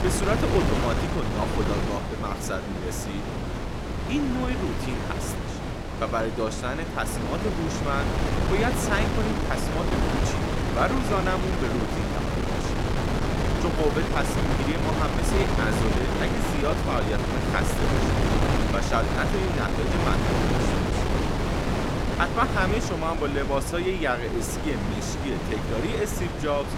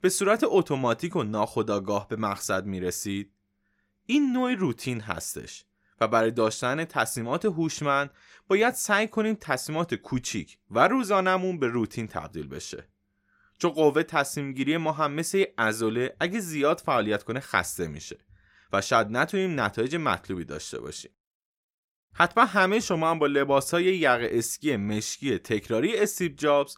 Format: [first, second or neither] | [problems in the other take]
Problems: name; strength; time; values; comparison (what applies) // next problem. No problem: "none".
second | wind noise on the microphone; heavy; as loud as the speech